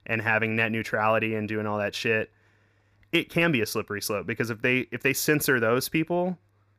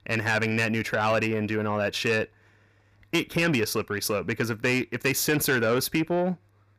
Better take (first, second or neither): first